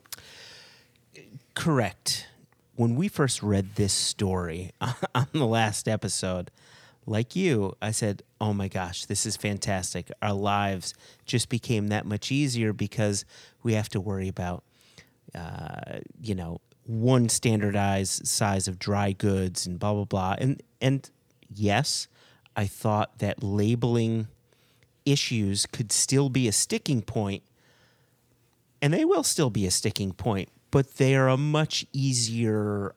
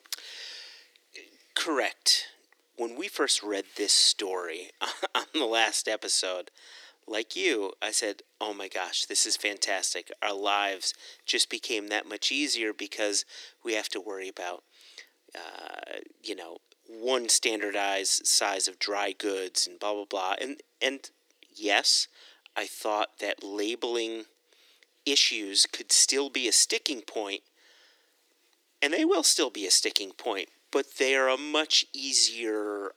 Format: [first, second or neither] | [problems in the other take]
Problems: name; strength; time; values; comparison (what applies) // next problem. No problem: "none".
first | thin; very; fading below 300 Hz